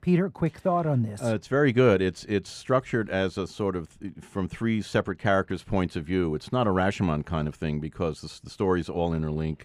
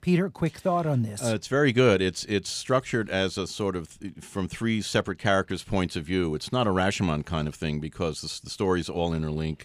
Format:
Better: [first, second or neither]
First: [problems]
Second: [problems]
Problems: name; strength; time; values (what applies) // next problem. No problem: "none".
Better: second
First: muffled; slightly; fading above 2.5 kHz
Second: none